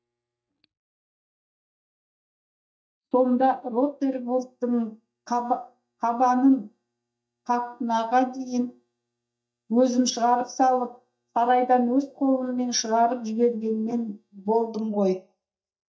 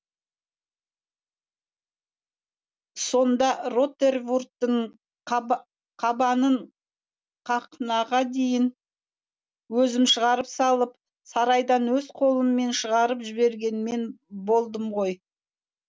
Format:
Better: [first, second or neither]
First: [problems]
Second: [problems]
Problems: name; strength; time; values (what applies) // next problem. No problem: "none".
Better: second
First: noise reduction (neural mask model DeepFilterNet 3)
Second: none